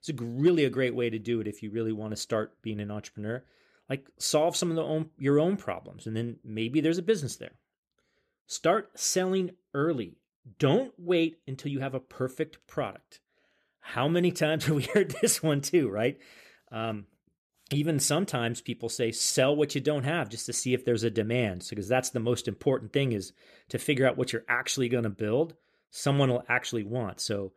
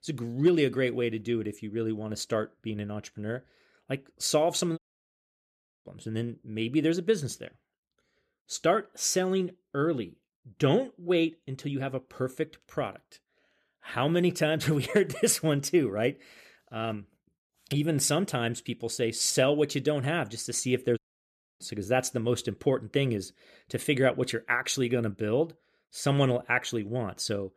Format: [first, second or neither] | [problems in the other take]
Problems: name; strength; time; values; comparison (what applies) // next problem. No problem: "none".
first | audio cutting out; at 5 s for 1 s and at 21 s for 0.5 s